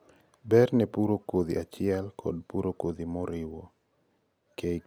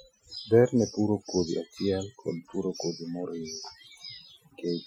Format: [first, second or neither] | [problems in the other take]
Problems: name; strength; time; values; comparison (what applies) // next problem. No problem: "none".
first | noise reduction (classical method Wiener filter)